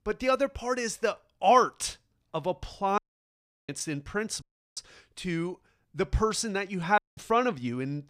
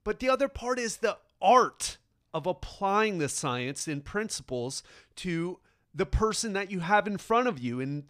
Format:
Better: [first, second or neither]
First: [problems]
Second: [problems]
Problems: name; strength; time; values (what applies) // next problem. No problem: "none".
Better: second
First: audio cutting out; at 3 s for 0.5 s, at 4.5 s and at 7 s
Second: none